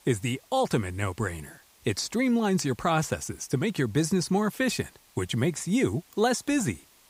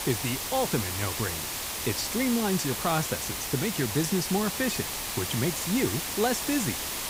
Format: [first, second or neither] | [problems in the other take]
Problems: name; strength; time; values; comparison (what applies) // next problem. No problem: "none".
first | hiss; loud; throughout; 1 dB below the speech; faint in the first